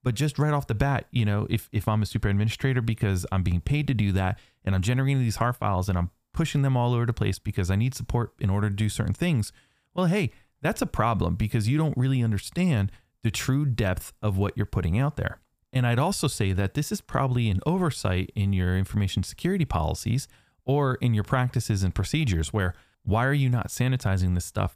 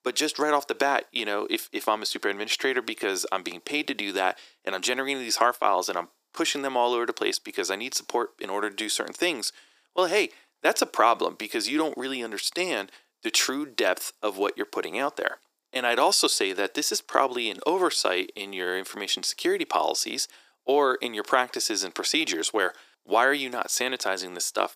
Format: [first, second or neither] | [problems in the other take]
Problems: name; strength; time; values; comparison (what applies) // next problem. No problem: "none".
first | thin; very; fading below 300 Hz